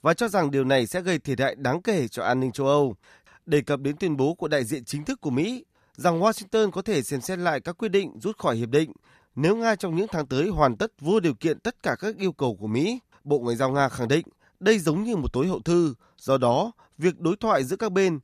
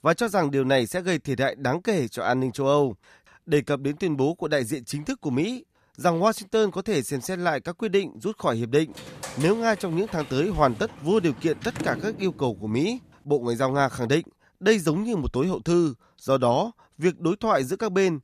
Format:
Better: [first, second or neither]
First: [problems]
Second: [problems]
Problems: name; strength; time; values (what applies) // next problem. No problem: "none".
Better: first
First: none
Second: door banging; noticeable; from 9 to 13 s; peak 8 dB below the speech